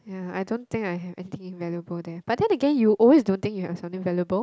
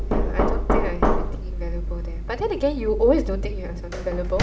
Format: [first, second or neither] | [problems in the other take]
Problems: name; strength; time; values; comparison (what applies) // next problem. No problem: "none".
first | background sound (Knock); 3 dB above the speech // room echo; dies away in 0.6 s